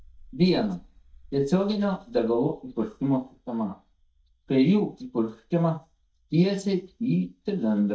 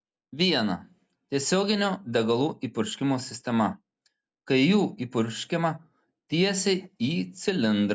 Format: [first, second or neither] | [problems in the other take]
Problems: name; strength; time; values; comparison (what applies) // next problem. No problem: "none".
second | noise reduction (neural mask model DeepFilterNet 3)